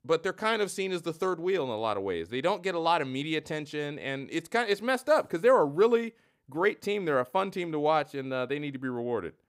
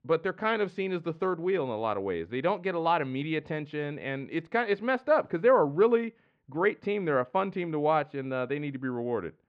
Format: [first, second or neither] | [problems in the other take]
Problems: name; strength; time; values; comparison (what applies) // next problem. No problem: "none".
first | muffled; slightly; fading above 3 kHz